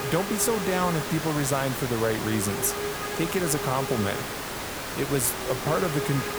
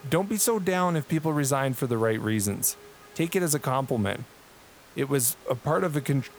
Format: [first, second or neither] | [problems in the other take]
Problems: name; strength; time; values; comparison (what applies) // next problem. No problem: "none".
second | hiss; loud; throughout; 4 dB below the speech; faint in the second